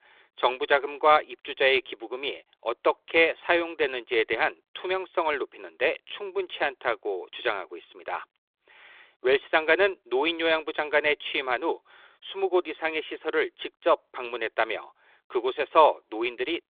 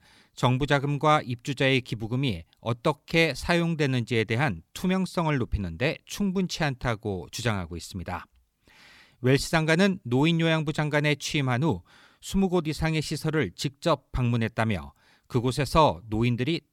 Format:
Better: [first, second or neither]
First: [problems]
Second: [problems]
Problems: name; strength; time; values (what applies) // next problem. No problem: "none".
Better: second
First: phone-call audio; nothing above 3.5 kHz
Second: none